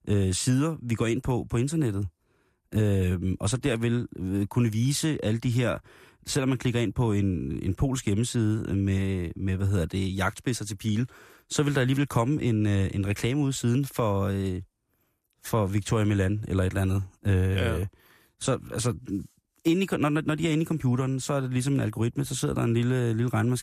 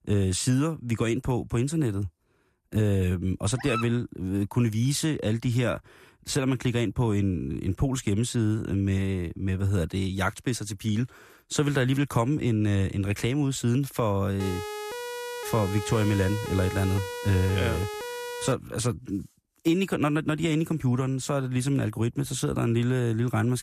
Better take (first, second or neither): first